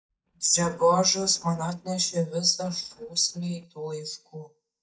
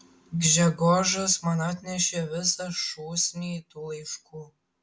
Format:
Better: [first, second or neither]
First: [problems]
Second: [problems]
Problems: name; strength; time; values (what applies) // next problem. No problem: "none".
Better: second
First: noise reduction (neural mask model DeepFilterNet 3)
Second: none